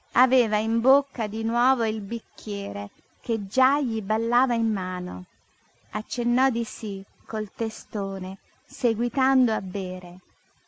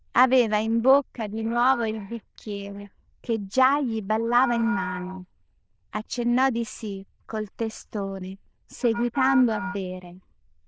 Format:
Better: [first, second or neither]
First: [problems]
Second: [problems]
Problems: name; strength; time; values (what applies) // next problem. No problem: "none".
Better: first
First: none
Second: noise reduction (neural diffusion model UNIVERSE++)